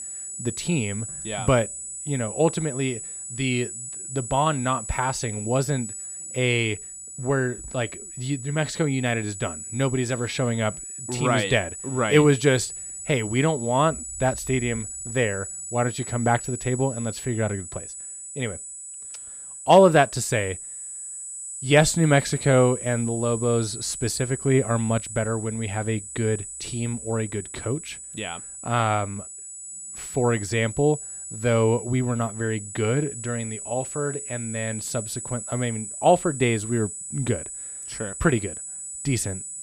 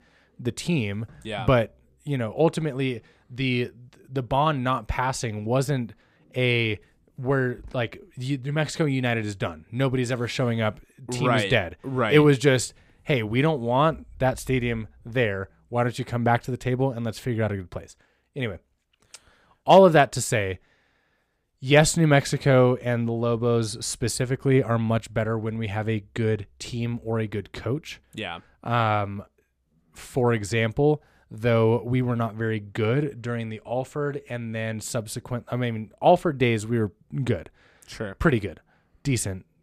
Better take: second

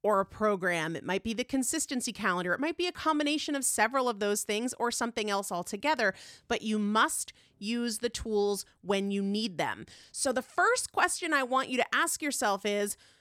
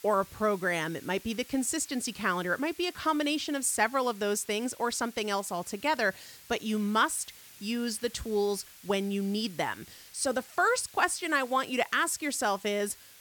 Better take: first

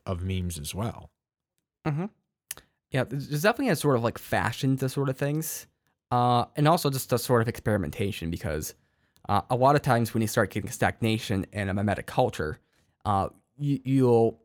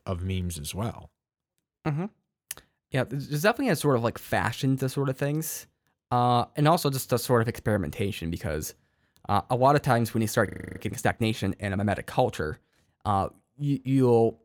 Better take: first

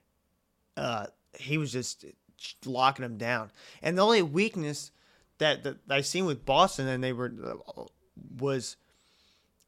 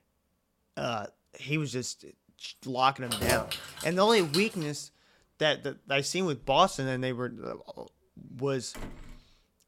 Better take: first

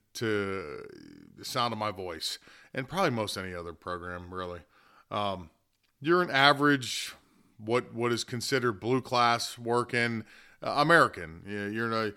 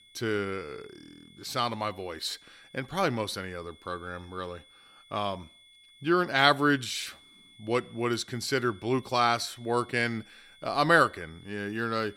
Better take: first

